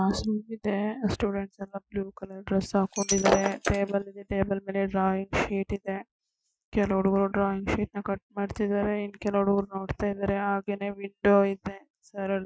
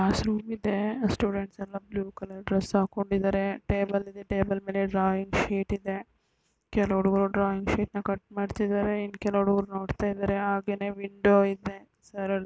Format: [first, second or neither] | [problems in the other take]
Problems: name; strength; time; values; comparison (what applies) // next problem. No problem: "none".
second | noise reduction (classical method Wiener filter)